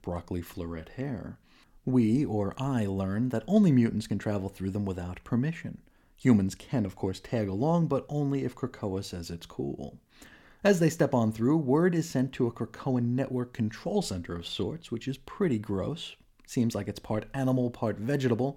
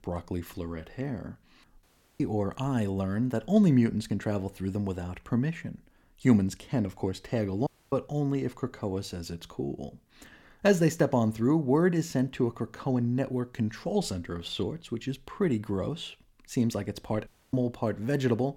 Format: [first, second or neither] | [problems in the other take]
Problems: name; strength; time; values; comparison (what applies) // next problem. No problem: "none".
first | audio cutting out; at 2 s, at 7.5 s and at 17 s